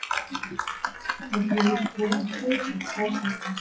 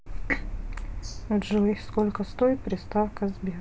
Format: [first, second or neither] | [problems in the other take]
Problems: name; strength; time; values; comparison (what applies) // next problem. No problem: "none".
second | noise reduction (classical method WPE with log-MMSE)